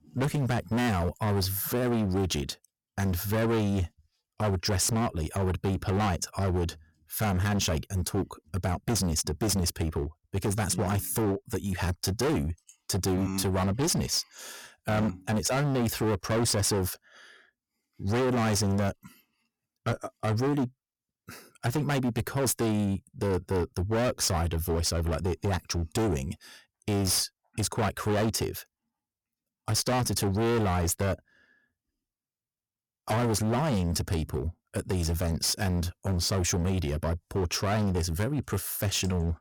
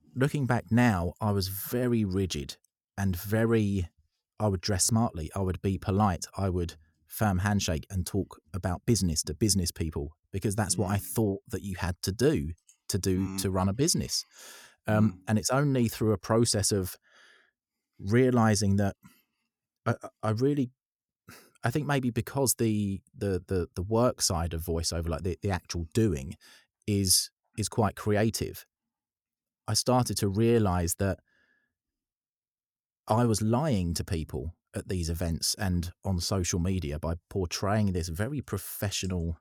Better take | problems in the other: second | distortion; heavy; 21% of the sound clipped

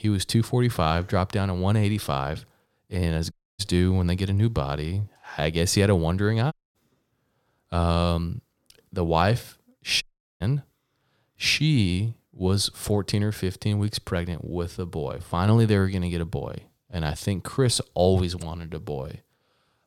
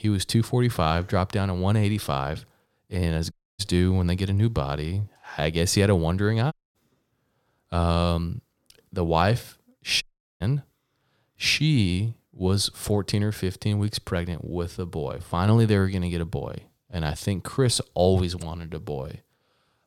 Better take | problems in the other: neither | audio cutting out; at 3.5 s, at 6.5 s and at 10 s; the same in both

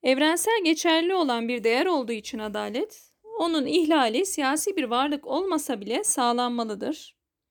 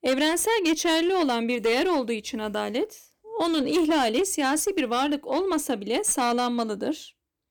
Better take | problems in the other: first | distortion; slight; 9% of the sound clipped

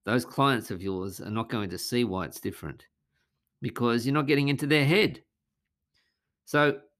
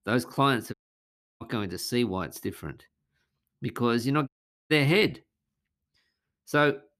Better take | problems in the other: first | audio cutting out; at 0.5 s for 0.5 s and at 4.5 s

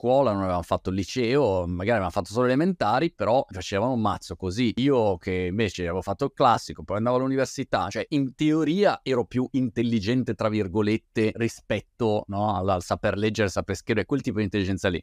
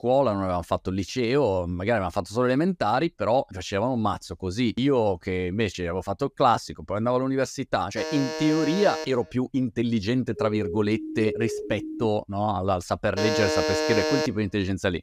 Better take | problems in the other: first | alarm; noticeable; from 8 to 9.5 s; peak 5 dB below the speech // siren; noticeable; from 10 to 12 s; peak 5 dB below the speech // alarm; loud; from 13 to 14 s; peak 1 dB above the speech

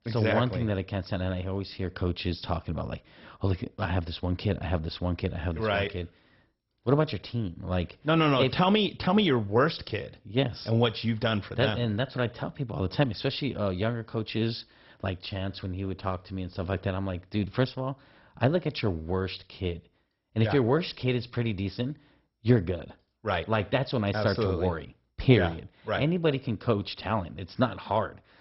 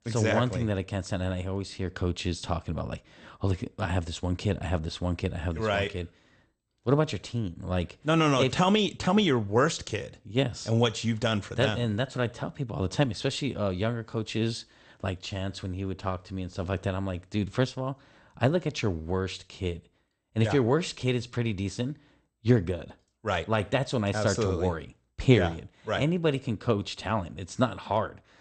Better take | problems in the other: second | garbled, watery; badly; nothing above 5.5 kHz; slightly in the second

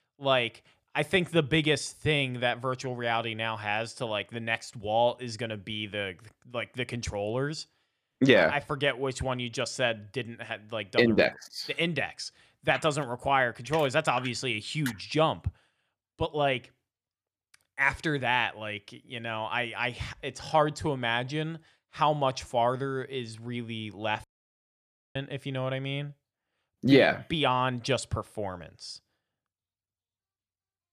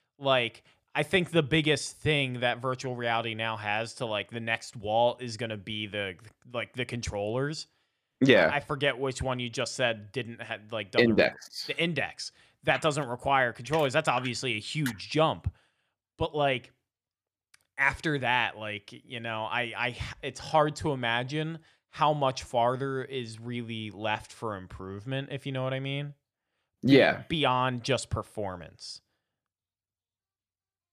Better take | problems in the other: second | audio cutting out; at 24 s for 1 s

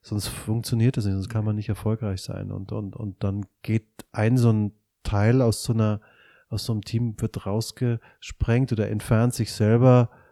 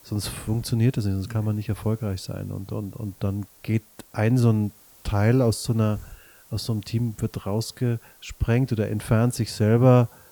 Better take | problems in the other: first | hiss; faint; throughout; 25 dB below the speech

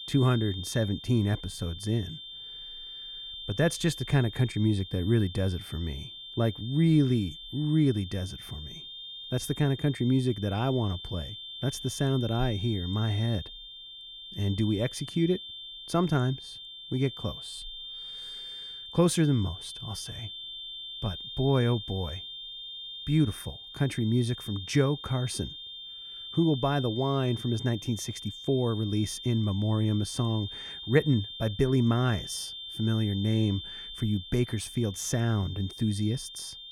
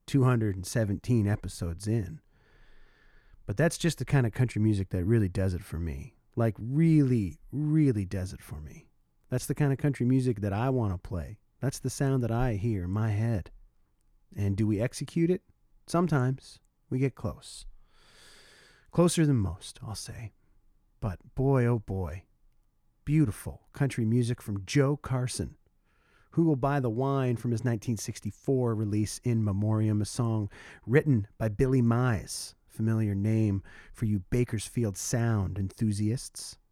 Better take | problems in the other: second | high-pitched whine; noticeable; throughout; 3.5 kHz, 10 dB below the speech

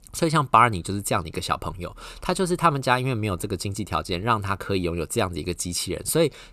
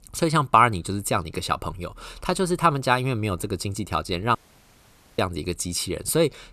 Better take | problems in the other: first | audio cutting out; at 4.5 s for 1 s

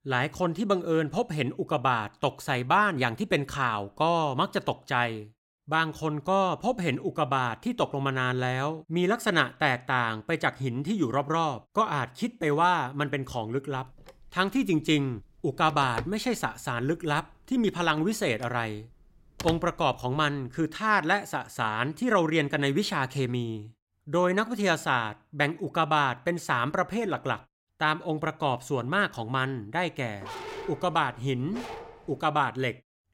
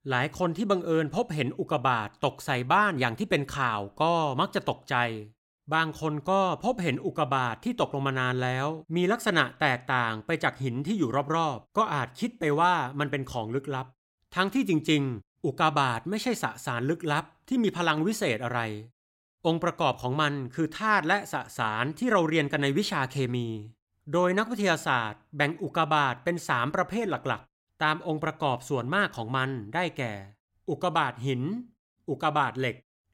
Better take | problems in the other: second | phone ringing; noticeable; from 16 to 20 s; peak 9 dB below the speech // dog barking; noticeable; from 30 to 32 s; peak 10 dB below the speech

